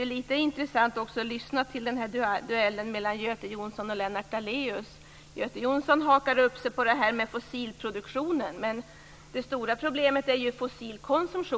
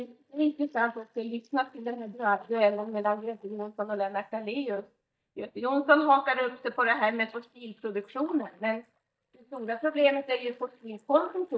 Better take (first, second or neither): first